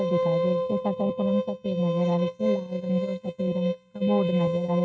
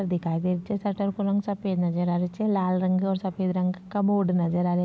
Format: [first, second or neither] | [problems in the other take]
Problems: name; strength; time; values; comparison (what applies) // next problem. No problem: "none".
second | noise reduction (neural mask model RNNoise)